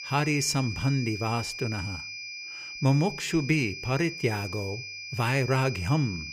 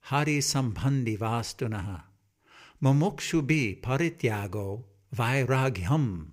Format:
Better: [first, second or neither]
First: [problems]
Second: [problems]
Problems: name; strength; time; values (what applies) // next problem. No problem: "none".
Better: second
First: high-pitched whine; loud; throughout; 2.5 kHz, 9 dB below the speech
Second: none